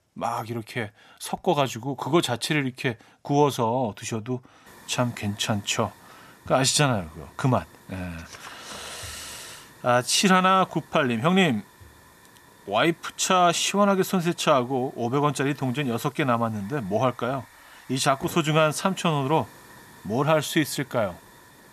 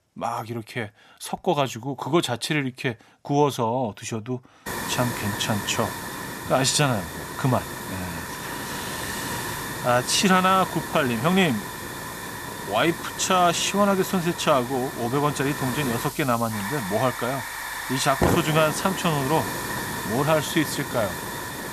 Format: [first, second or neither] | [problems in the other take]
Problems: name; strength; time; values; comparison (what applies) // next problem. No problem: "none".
first | hiss; loud; from 4.5 s on; 7 dB below the speech; faint in the first